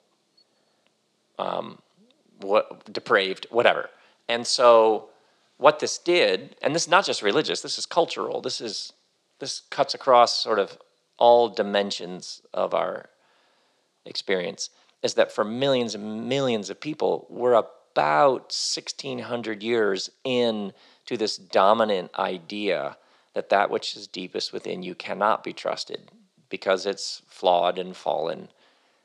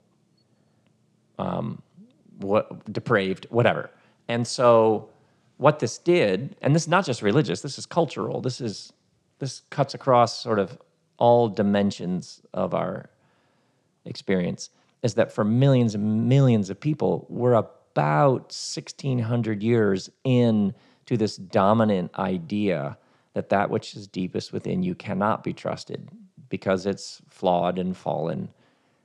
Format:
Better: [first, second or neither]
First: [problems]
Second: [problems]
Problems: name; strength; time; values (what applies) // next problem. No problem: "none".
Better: second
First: thin; somewhat; fading below 450 Hz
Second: none